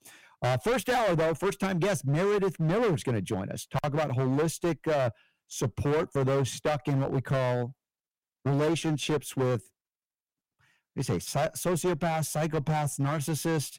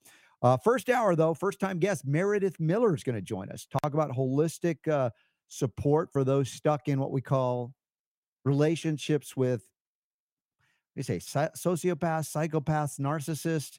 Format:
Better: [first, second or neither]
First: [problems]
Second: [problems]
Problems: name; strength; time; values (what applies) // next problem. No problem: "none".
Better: second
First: distortion; heavy; 17% of the sound clipped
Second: none